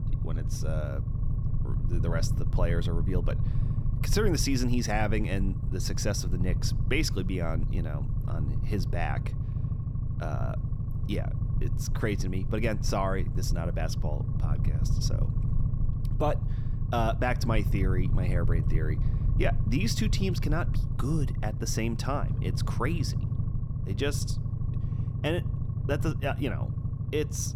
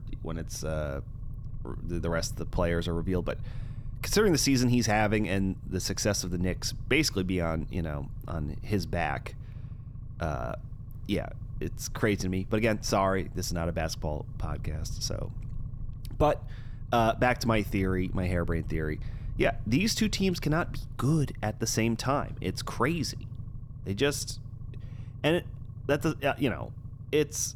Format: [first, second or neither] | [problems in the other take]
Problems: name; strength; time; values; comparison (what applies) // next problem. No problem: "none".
second | low rumble; loud; throughout; 10 dB below the speech; faint in the second